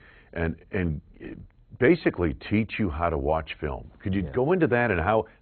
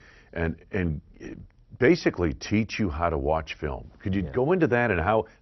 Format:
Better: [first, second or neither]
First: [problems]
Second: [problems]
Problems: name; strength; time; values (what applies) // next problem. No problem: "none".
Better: second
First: garbled, watery; badly; nothing above 4 kHz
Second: garbled, watery; slightly; nothing above 6 kHz